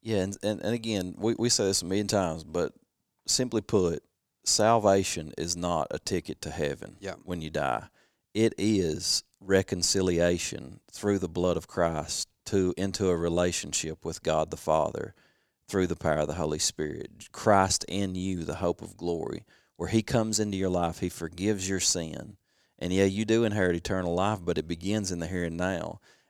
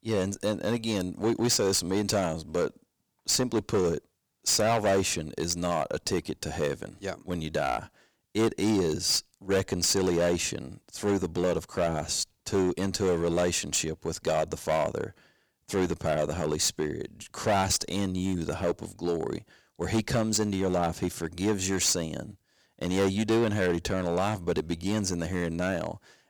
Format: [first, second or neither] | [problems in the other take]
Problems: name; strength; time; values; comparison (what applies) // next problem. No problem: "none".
first | distortion; heavy; 7% of the sound clipped